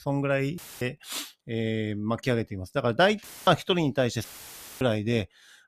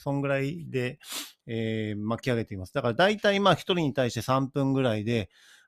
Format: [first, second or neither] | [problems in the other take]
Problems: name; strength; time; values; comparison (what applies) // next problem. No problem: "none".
second | audio cutting out; filled with static; at 0.5 s, at 3 s and at 4 s for 0.5 s